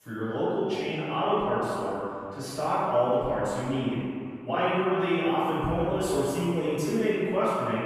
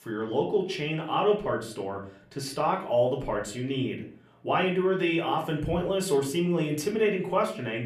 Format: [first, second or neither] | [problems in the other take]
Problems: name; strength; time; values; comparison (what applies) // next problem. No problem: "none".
second | room echo; strong; dies away in 2.1 s; slight in the second // off-mic speech; far; somewhat distant in the second